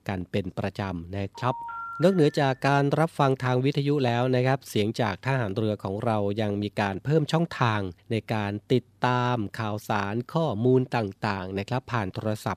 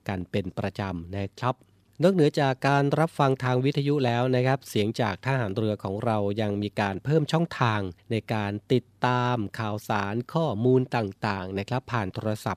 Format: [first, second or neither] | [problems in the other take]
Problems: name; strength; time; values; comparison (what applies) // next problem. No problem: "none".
second | phone ringing; noticeable; from 1.5 to 2.5 s; peak 9 dB below the speech